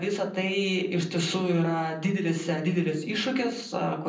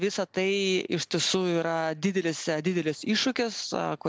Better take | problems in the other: second | room echo; dies away in 0.6 s

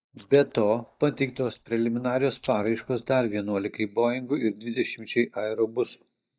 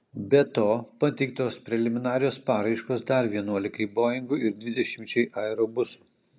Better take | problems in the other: second | noise reduction (neural mask model DeepFilterNet 3)

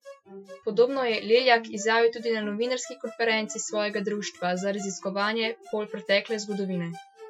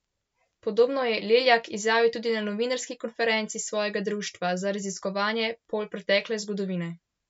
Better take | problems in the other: second | noise reduction (classical method Wiener filter)

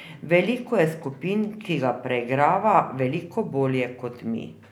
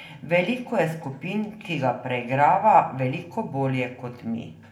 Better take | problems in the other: first | room echo; dies away in 0.4 s

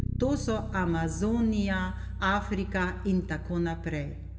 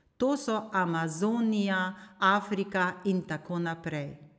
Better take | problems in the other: second | background sound (Bass guitar); 6 dB below the speech // room echo; dies away in 1.1 s

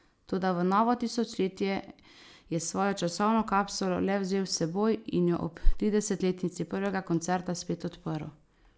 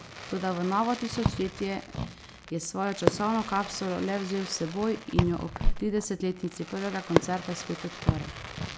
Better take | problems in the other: first | background sound (Fireworks); 4 dB below the speech

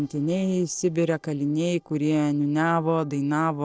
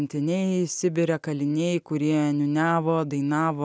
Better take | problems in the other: second | noise reduction (neural separator model SepFormer DNS4)

